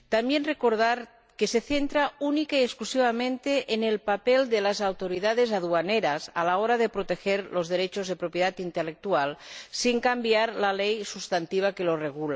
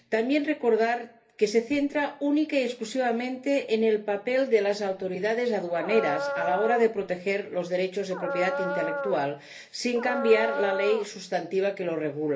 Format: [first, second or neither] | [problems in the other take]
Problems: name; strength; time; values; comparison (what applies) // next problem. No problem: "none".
first | background sound (Dog); 5 dB below the speech // room echo; dies away in 0.3 s